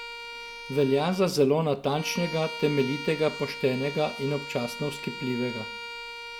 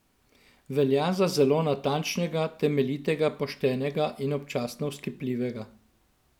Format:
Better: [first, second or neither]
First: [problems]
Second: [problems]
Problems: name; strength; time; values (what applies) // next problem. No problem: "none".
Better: second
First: background sound (Bowed string instrument); 11 dB below the speech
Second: none